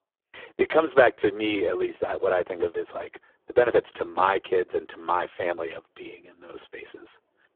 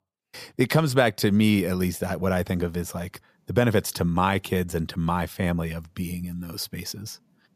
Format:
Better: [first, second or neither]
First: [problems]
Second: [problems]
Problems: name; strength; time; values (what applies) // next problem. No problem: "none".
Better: second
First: phone-call audio; poor line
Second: none